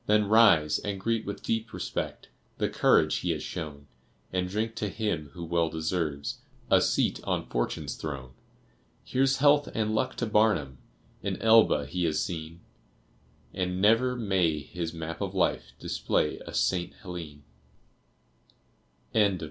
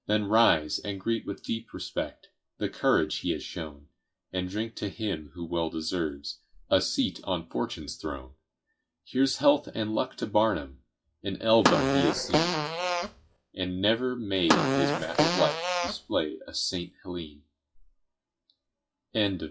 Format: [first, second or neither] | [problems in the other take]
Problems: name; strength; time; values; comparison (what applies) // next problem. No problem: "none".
first | noise reduction (classical method WPE with log-MMSE)